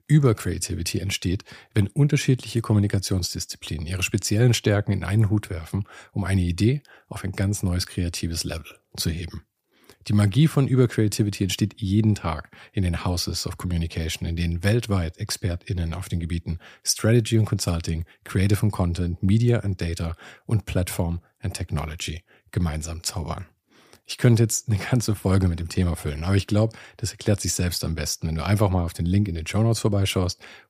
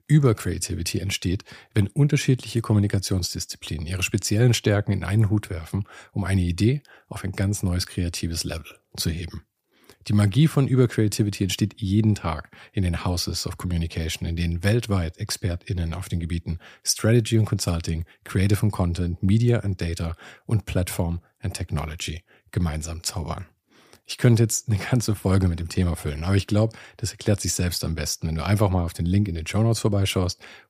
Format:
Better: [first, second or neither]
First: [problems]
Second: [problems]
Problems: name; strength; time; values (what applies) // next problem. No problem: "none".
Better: neither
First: none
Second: none